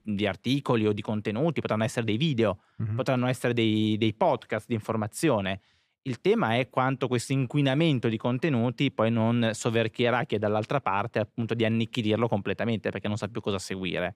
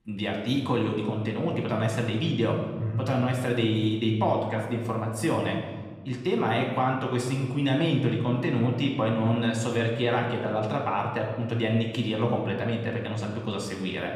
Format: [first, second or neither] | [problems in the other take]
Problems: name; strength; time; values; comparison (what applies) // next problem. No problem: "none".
first | room echo; noticeable; dies away in 1.2 s // off-mic speech; somewhat distant